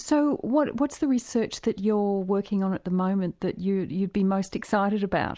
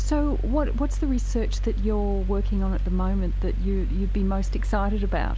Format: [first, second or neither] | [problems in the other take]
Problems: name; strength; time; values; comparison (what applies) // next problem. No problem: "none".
first | background sound (Mechanical fan); 4 dB above the speech